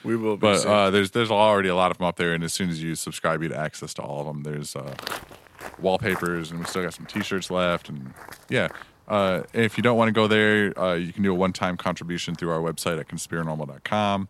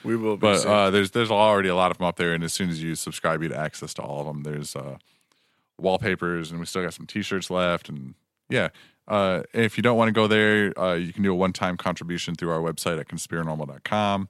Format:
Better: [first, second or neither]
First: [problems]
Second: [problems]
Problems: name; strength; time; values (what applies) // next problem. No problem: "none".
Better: second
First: footsteps; noticeable; from 5 to 11 s; peak 9 dB below the speech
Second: none